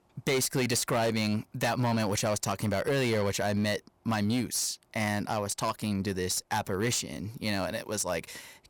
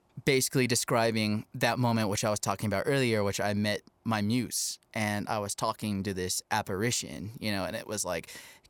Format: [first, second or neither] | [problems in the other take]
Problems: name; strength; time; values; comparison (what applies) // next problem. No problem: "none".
second | distortion; slight; 11% of the sound clipped